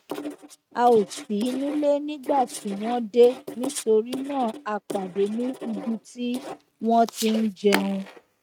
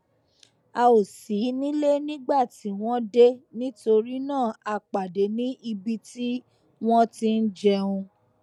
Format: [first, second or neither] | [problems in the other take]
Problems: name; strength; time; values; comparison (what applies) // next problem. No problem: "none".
second | noise reduction (neural mask model RNNoise)